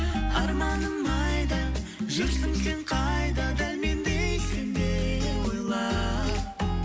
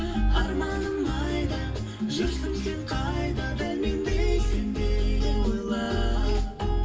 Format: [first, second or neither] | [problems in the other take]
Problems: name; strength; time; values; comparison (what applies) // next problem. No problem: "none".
first | background sound (Piano); 13 dB below the speech // room echo; dies away in 0.1 s